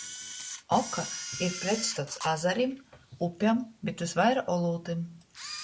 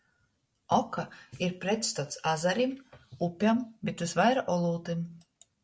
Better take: second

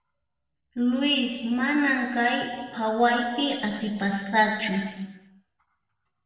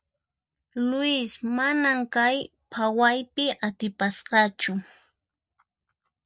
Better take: second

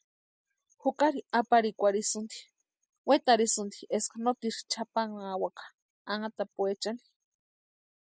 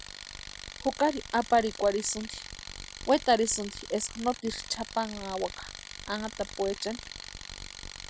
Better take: first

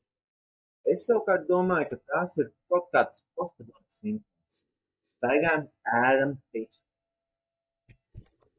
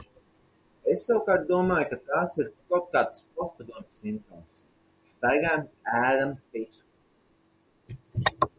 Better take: second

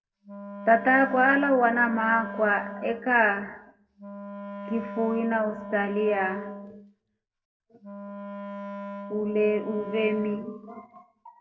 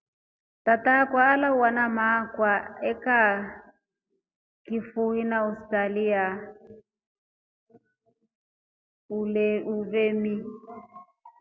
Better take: second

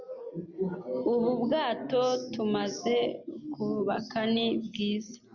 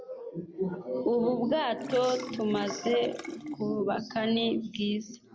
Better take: first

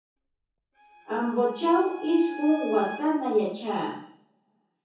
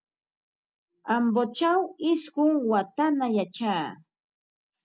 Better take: second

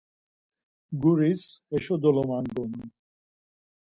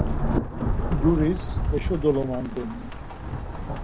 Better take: first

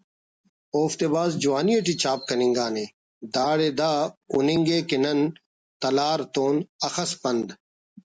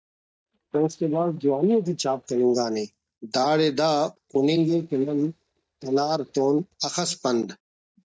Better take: first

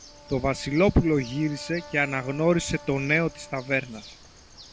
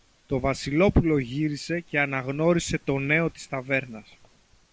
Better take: second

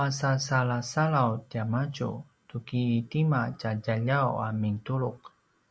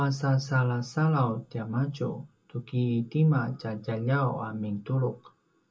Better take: first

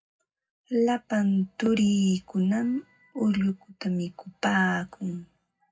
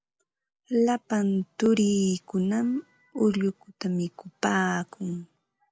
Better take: second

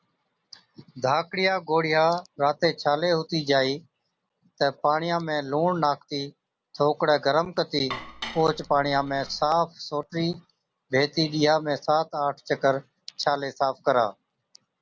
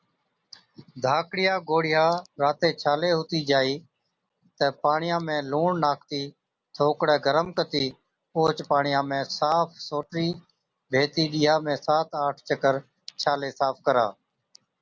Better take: second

